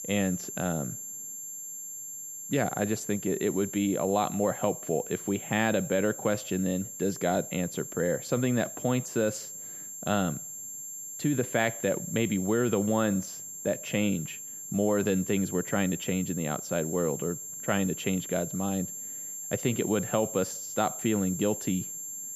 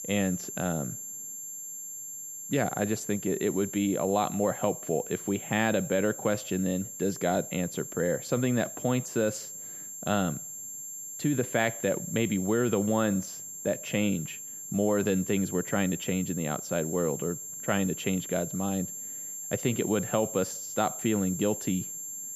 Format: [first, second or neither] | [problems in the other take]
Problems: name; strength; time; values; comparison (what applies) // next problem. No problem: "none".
neither | high-pitched whine; loud; throughout; 7.5 kHz, 7 dB below the speech; the same in both